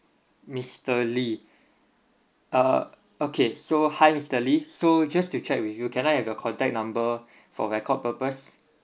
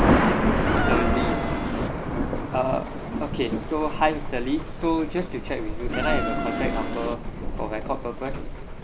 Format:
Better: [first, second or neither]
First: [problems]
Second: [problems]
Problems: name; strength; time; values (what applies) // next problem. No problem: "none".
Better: first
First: none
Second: background sound (Insect + Thunder); 4 dB above the speech